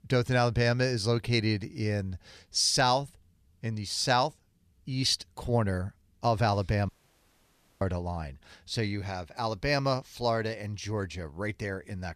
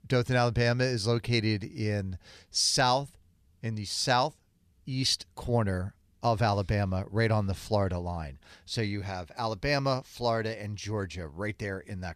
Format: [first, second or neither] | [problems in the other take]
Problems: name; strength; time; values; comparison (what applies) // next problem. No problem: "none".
second | audio cutting out; at 7 s for 1 s